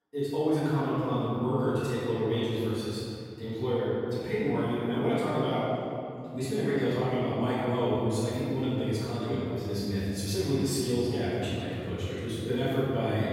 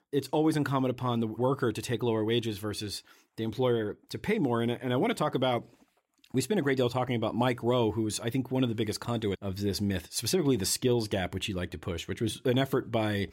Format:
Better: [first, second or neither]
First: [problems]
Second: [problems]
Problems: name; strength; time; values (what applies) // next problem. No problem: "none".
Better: second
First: off-mic speech; far // room echo; strong; dies away in 2.9 s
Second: none